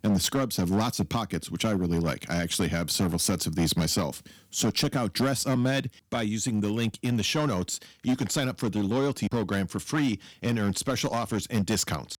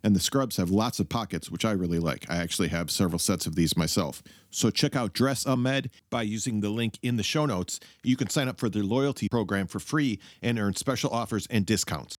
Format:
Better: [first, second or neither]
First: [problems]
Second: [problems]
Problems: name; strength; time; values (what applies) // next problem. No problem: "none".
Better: second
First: distortion; slight; 8% of the sound clipped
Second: none